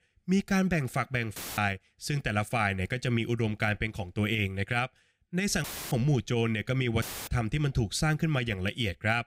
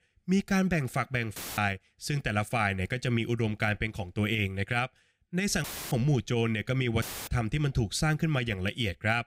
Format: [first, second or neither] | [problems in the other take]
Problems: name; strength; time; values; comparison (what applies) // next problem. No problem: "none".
neither | audio cutting out; filled with static; at 1.5 s, at 5.5 s and at 7 s; the same in both